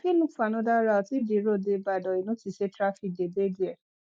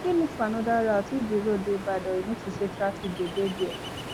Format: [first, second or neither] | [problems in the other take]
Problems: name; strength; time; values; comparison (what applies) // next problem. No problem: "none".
first | background sound (Ocean); 9 dB below the speech